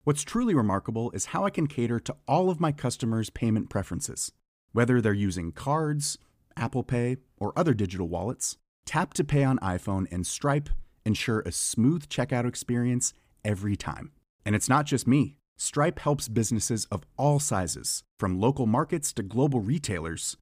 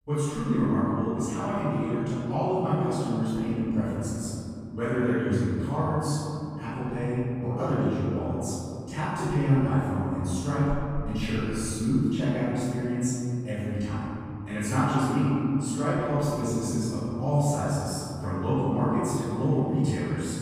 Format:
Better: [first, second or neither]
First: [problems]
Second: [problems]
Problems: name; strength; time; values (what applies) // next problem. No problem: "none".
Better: first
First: none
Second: off-mic speech; far // room echo; strong; dies away in 3 s